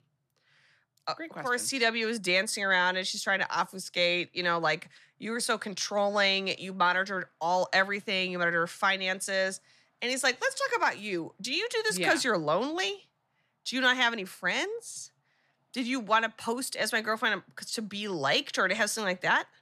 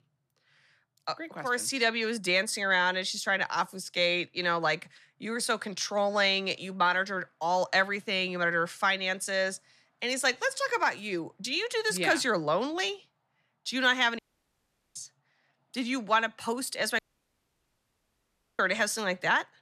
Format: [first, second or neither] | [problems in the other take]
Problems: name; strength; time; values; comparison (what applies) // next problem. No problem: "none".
first | audio cutting out; at 14 s for 1 s and at 17 s for 1.5 s